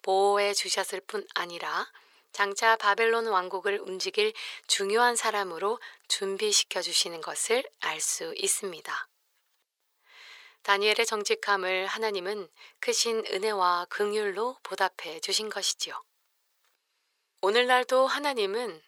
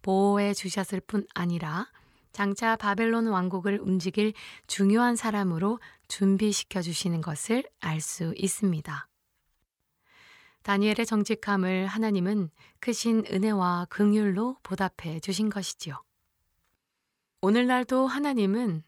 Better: second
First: thin; very; fading below 450 Hz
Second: none

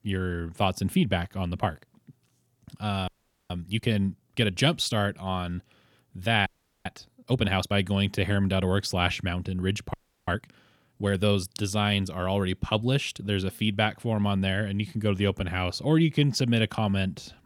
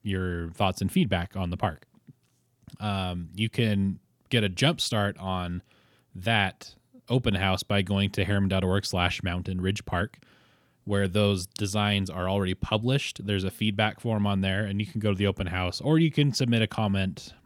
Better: second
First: audio freezing; at 3 s, at 6.5 s and at 10 s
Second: none

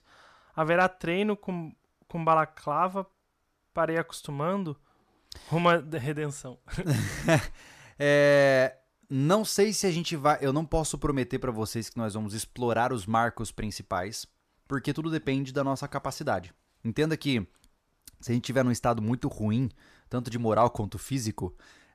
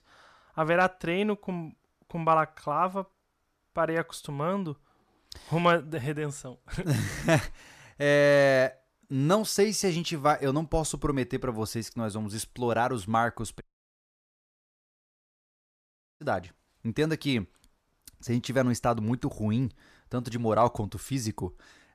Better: first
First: none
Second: audio cutting out; at 14 s for 2.5 s

